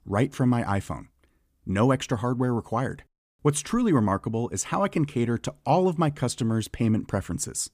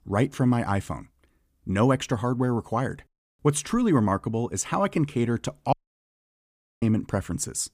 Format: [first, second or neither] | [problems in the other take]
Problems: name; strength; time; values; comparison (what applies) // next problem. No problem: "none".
first | audio cutting out; at 5.5 s for 1 s